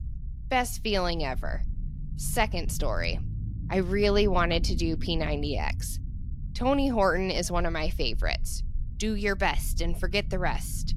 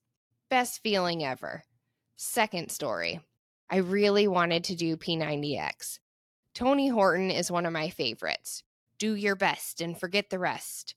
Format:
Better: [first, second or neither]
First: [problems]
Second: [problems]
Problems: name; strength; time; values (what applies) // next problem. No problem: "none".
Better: second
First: low rumble; faint; throughout; 20 dB below the speech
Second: none